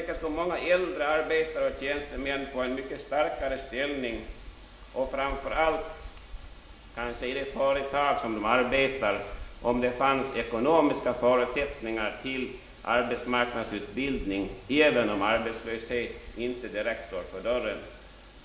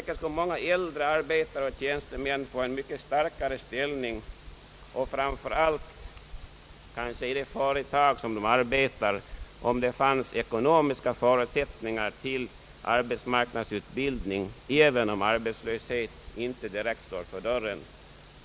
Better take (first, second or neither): second